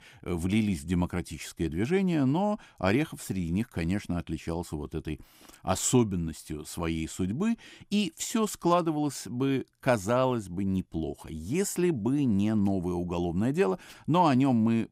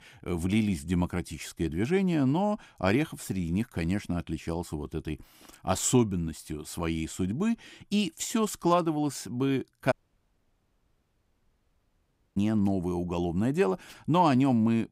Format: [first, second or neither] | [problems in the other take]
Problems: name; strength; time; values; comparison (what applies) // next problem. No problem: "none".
first | audio cutting out; at 10 s for 2.5 s